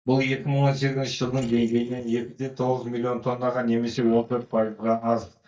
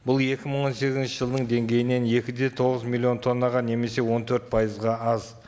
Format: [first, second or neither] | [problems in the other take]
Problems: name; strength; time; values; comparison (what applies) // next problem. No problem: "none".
second | noise reduction (neural mask model DeepFilterNet 3)